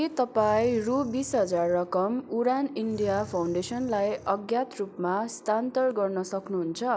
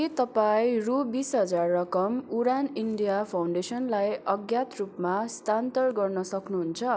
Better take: second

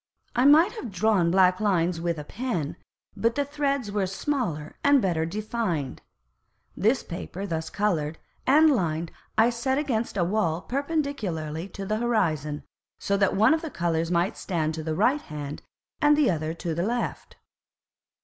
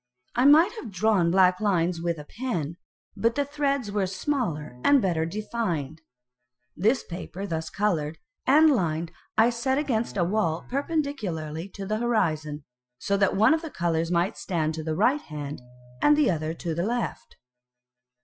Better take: first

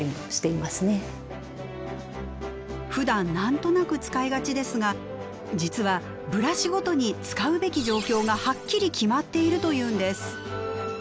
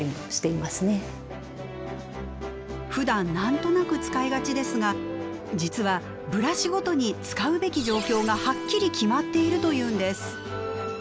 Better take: first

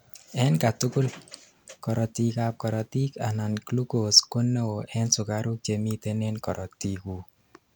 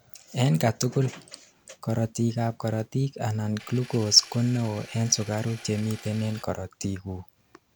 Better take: first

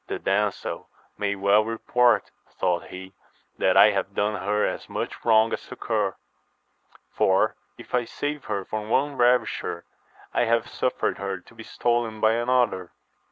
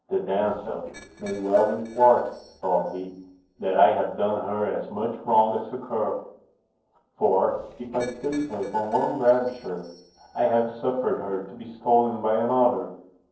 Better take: first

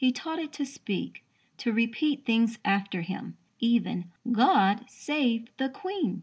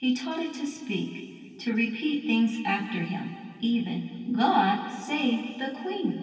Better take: first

